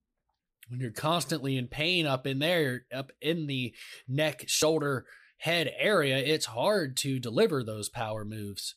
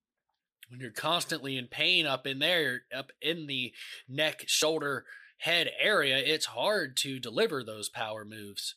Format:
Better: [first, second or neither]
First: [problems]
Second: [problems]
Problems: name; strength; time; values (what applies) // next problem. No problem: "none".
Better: first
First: none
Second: thin; very slightly; fading below 750 Hz